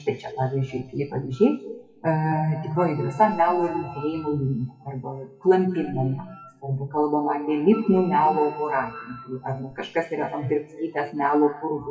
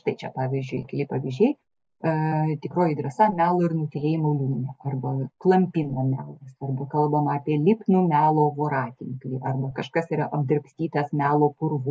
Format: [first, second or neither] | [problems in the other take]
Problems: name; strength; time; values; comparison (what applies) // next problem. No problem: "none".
second | noise reduction (classical method WPE with log-MMSE)